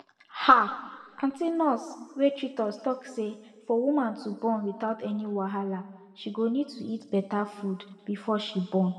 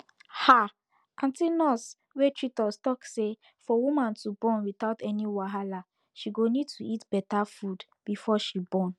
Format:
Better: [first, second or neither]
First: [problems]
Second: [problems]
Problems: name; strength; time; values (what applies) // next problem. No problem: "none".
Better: second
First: room echo; dies away in 1.2 s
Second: none